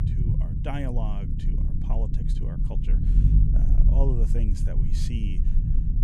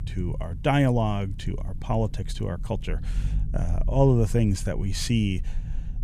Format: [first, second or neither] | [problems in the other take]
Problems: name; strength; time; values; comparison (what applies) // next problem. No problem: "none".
second | low rumble; loud; throughout; 1 dB below the speech; faint in the second